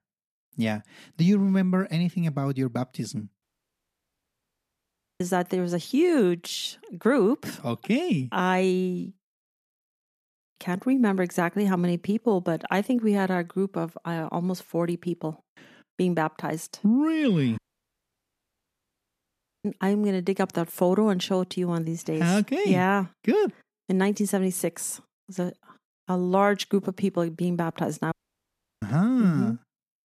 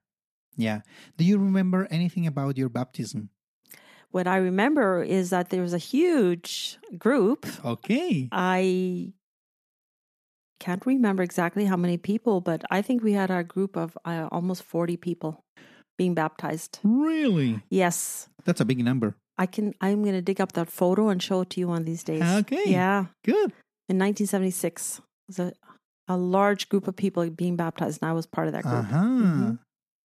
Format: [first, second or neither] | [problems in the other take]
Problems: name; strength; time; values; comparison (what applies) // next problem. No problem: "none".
second | audio cutting out; at 3.5 s for 2 s, at 18 s for 2 s and at 28 s for 0.5 s